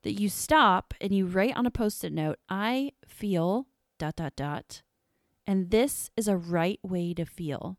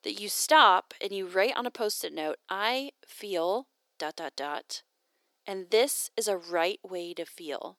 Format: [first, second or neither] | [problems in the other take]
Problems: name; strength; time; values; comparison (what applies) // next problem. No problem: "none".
first | thin; very; fading below 400 Hz